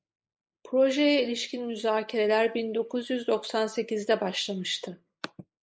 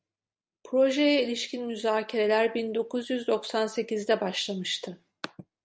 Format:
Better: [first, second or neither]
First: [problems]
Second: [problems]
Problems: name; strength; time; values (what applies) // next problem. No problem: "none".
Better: second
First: noise reduction (neural mask model Resemble Enhance denoiser)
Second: none